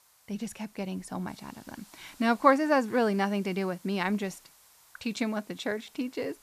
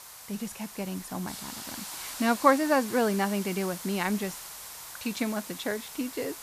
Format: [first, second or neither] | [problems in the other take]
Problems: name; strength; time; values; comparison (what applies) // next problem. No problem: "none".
first | hiss; loud; throughout; 10 dB below the speech; faint in the first